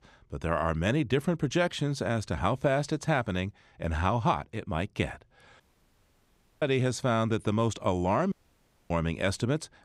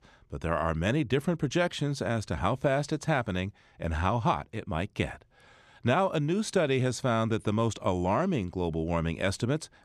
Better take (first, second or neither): second